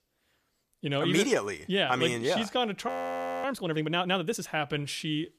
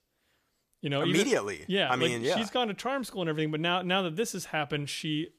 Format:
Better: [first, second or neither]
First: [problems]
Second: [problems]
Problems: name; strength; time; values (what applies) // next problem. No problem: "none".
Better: second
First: audio freezing; at 3 s for 0.5 s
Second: none